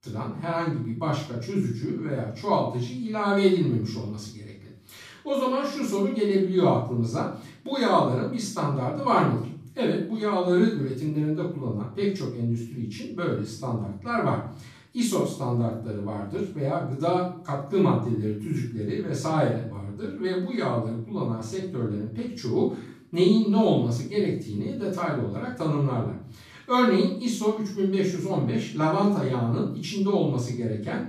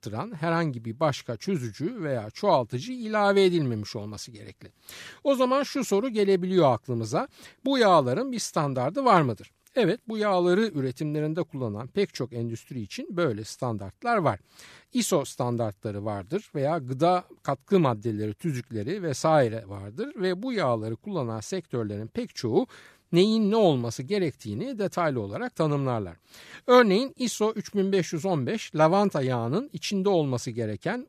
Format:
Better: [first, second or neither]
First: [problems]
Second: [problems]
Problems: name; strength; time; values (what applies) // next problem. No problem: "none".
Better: second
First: room echo; noticeable; dies away in 0.5 s // off-mic speech; far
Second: none